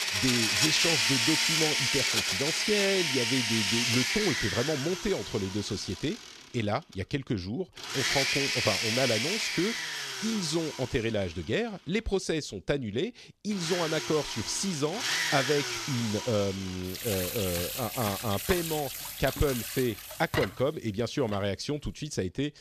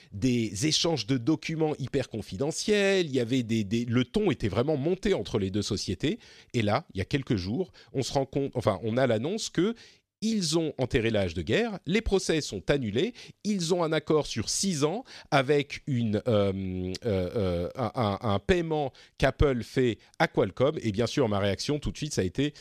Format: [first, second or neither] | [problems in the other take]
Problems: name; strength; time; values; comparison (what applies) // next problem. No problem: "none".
second | household noises; very loud; throughout; 2 dB above the speech